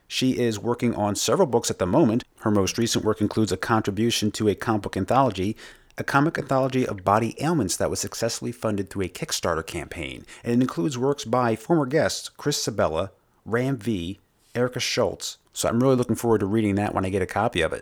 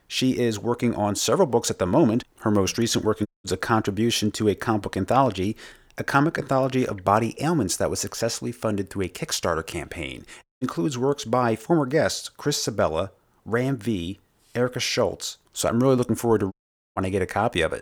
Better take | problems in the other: first | audio cutting out; at 3.5 s, at 10 s and at 17 s

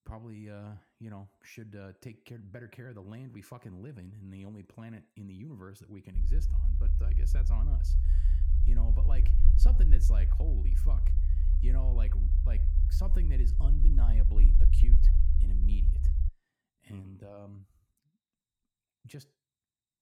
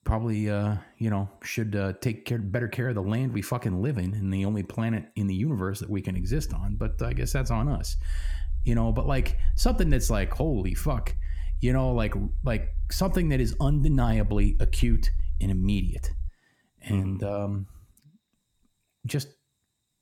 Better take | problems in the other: second | low rumble; loud; from 6 to 16 s; as loud as the speech; faint in the second

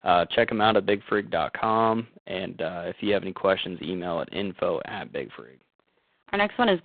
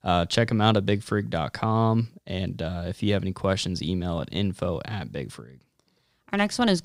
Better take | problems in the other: second | phone-call audio; poor line; nothing above 3.5 kHz

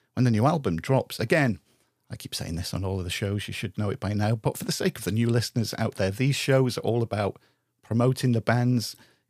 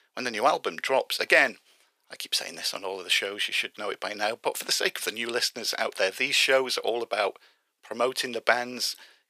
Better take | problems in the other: first | thin; very; fading below 450 Hz

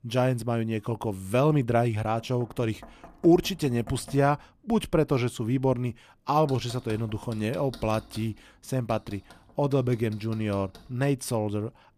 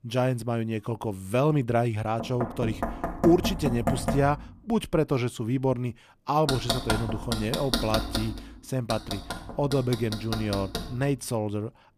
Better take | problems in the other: first | household noises; loud; throughout; 4 dB below the speech; faint in the first

